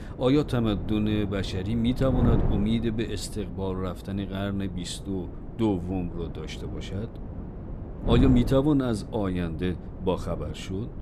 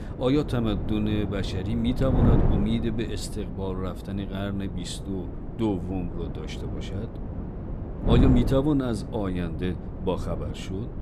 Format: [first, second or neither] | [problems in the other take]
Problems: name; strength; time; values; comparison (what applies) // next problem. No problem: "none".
first | wind noise on the microphone; heavy; 6 dB below the speech; occasional gusts in the first